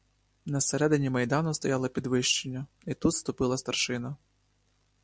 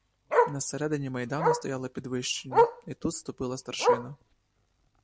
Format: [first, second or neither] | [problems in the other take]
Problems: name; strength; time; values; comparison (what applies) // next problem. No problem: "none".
first | background sound (Bark); 5 dB above the speech